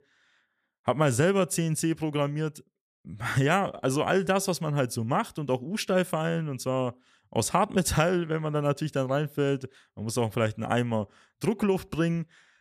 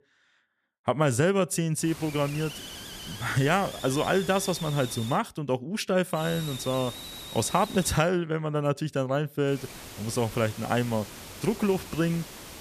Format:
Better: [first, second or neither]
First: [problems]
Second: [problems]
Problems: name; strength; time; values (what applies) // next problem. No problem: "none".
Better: first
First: none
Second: hiss; noticeable; from 2 to 5 s, from 6 to 8 s and from 9.5 s on; 10 dB below the speech